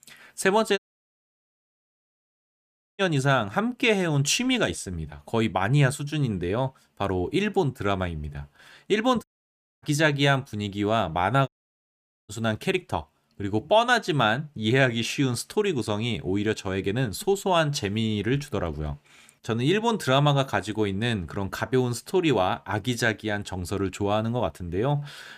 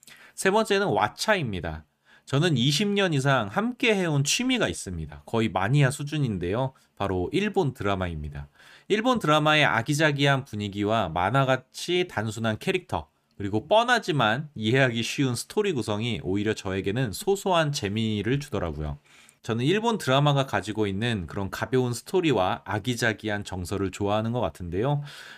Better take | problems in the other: second | audio cutting out; at 1 s for 2 s, at 9 s for 0.5 s and at 11 s for 1 s

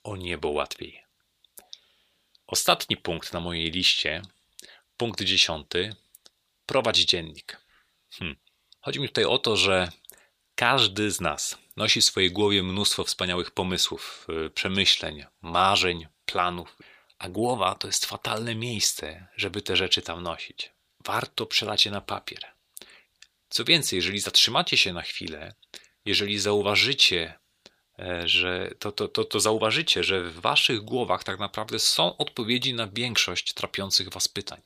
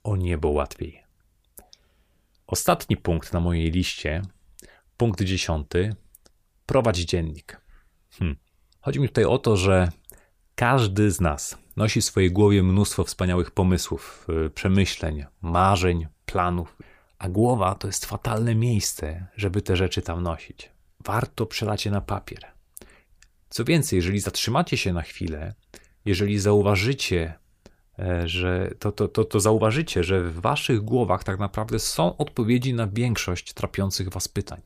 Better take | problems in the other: second | thin; somewhat; fading below 400 Hz

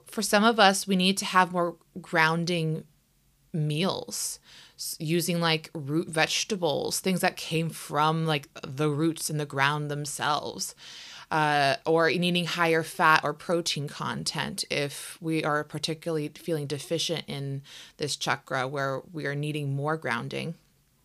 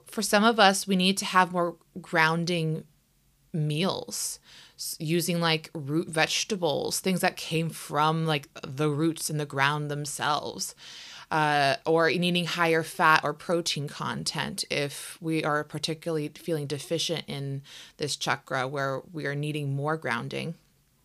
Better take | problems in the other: neither | none

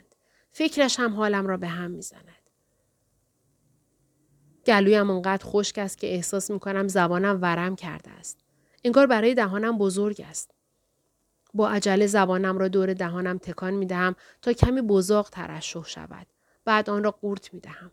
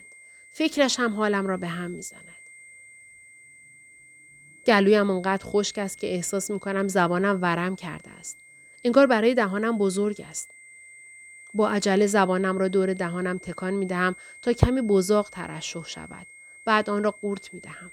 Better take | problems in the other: first | high-pitched whine; faint; throughout; 2 kHz, 20 dB below the speech

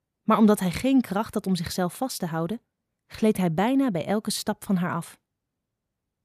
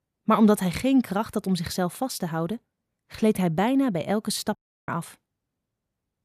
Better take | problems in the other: first | audio cutting out; at 4.5 s

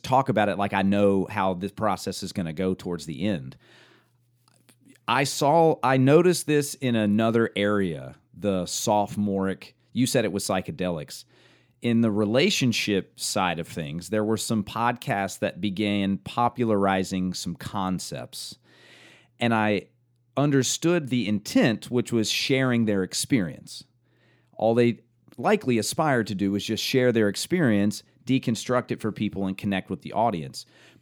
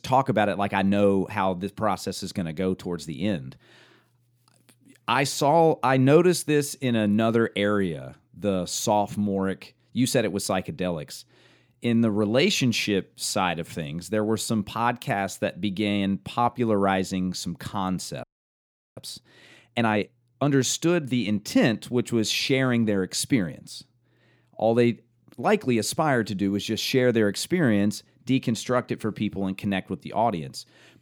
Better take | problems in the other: first | audio freezing; at 18 s for 0.5 s

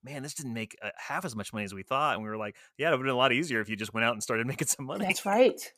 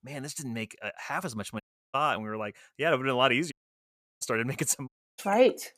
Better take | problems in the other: first | audio cutting out; at 1.5 s, at 3.5 s for 0.5 s and at 5 s

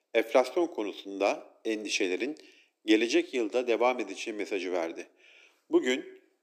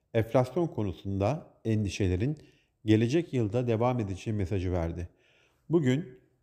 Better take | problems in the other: second | thin; somewhat; fading below 300 Hz

